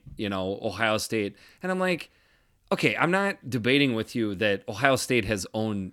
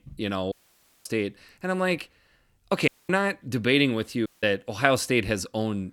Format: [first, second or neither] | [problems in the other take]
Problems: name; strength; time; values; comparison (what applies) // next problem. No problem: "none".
first | audio cutting out; at 0.5 s for 0.5 s, at 3 s and at 4.5 s